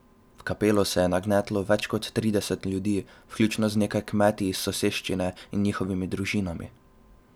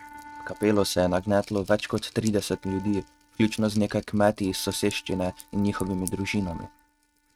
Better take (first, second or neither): first